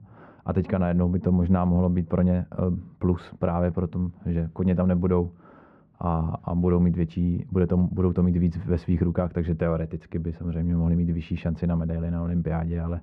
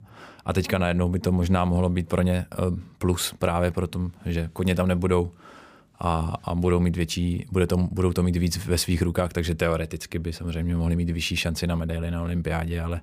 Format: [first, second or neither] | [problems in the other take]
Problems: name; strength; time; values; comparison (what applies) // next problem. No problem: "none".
second | muffled; very; fading above 1 kHz